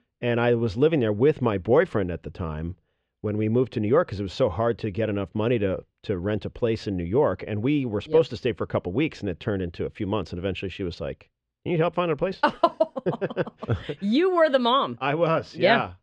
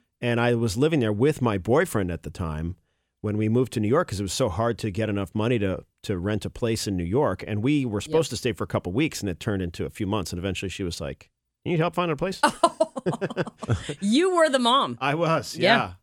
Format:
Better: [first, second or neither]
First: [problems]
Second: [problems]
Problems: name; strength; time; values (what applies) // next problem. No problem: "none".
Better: second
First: muffled; slightly; fading above 3.5 kHz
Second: none